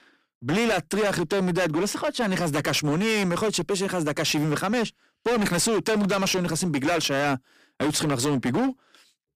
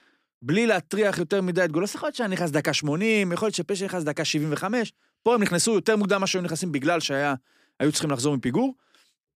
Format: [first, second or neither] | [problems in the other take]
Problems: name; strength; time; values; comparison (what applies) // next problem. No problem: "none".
second | distortion; heavy; 22% of the sound clipped